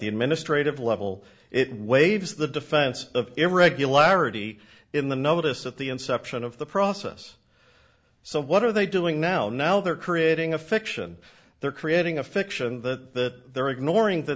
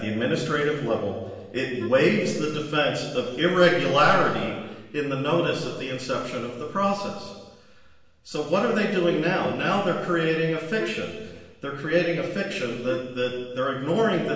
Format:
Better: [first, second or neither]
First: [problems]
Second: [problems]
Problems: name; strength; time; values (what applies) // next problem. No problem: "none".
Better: first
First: none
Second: background sound (Wind instrument, woodwind instrument); 13 dB below the speech // room echo; dies away in 1.3 s